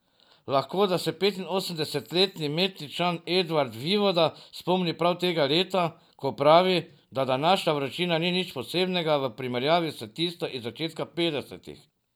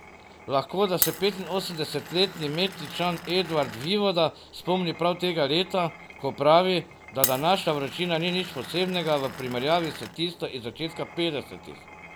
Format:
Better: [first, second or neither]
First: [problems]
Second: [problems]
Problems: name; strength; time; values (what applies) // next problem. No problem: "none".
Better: first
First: none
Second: background sound (Glass); 11 dB below the speech